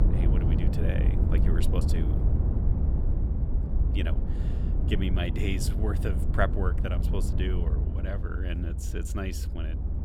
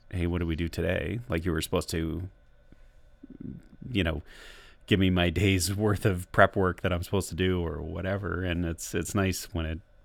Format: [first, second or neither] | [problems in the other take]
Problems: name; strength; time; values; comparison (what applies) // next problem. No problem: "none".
second | low rumble; loud; throughout; 5 dB below the speech